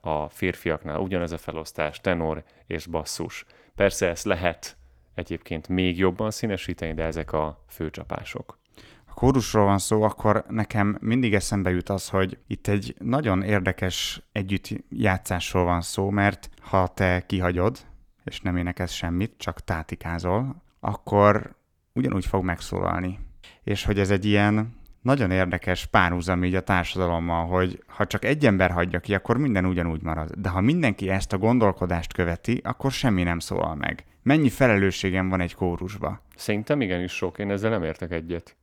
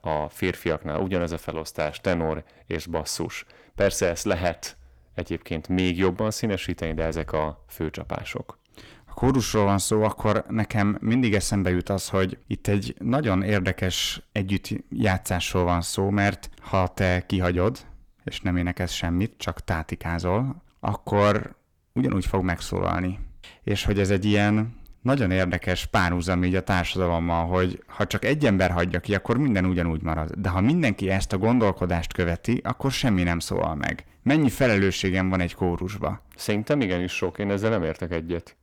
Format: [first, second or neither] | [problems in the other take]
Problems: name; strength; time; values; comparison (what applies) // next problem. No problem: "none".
first | distortion; slight; 10 dB below the speech